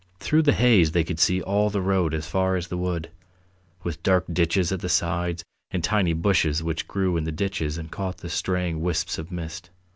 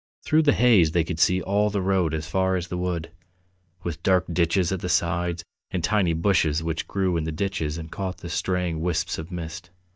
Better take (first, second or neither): first